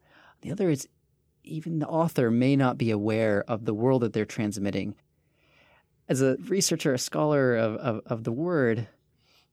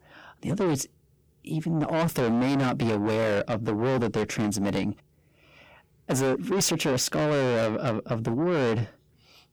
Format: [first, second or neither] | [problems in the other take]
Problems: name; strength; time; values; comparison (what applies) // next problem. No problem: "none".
first | distortion; heavy; 5 dB below the speech